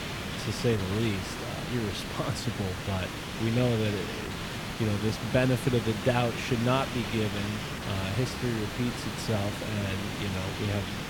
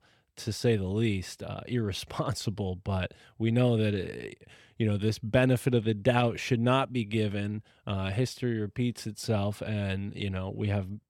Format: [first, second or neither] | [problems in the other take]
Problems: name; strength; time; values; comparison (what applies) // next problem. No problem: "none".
second | hiss; loud; throughout; 4 dB below the speech